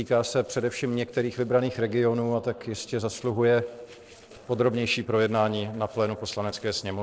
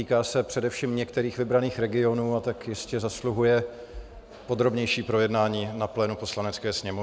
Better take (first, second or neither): second